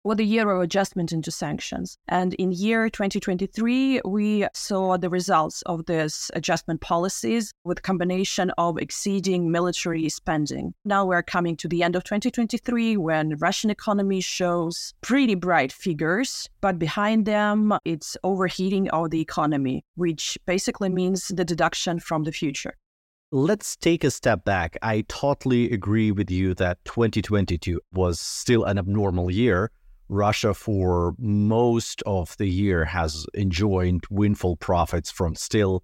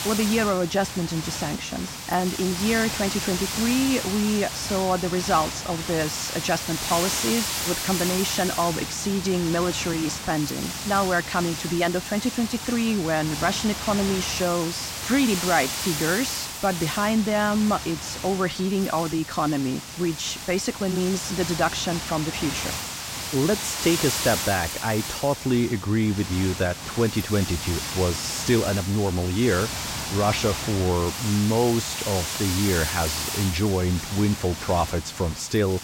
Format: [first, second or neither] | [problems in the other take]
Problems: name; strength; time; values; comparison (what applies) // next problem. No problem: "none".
first | wind noise on the microphone; heavy; 4 dB below the speech